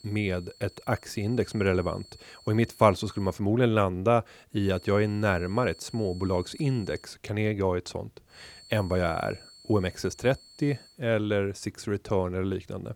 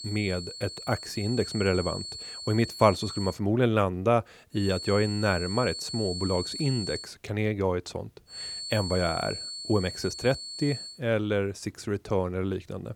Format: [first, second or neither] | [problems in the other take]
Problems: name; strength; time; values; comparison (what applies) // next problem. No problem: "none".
first | high-pitched whine; loud; until 3.5 s, from 4.5 to 7 s and from 8.5 to 11 s; 4.5 kHz, 7 dB below the speech; faint in the first